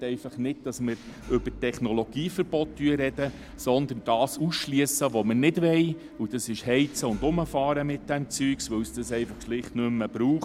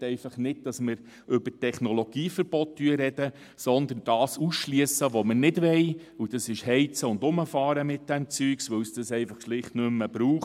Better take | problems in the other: second | background sound (Engine / Mechanisms); 17 dB below the speech

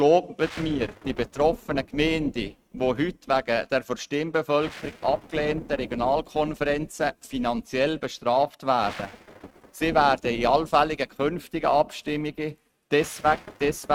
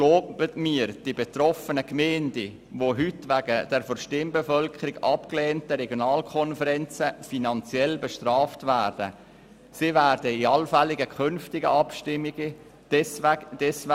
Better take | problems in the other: second | noise reduction (neural mask model RNNoise)

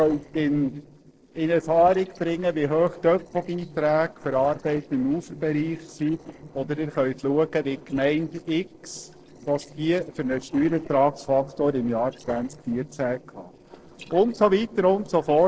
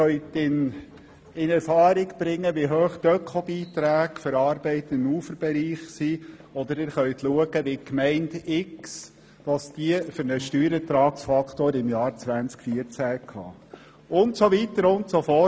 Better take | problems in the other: second | noise reduction (neural separator model SepFormer DNS4)

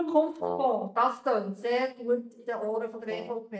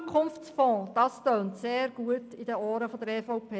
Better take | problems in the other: second | noise reduction (neural mask model DeepFilterNet 3)

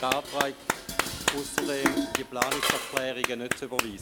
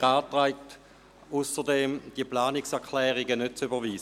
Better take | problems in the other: second | background sound (Dishes, pots, and pans + Clapping); 3 dB above the speech

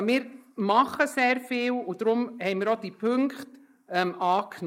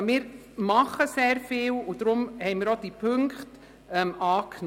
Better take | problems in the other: second | noise reduction (neural mask model Resemble Enhance denoiser)

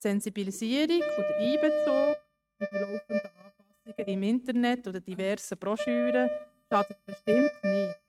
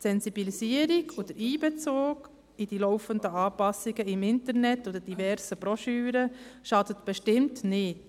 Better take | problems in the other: second | noise reduction (neural mask model RNNoise)

